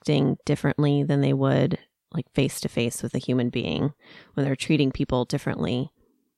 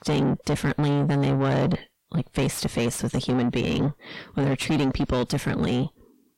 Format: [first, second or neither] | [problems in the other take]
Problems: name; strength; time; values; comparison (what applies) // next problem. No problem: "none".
first | distortion; heavy; 4 dB below the speech